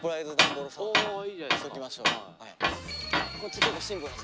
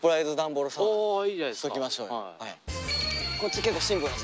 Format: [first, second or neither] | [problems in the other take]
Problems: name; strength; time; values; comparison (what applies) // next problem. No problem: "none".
second | background sound (Tools); 5 dB above the speech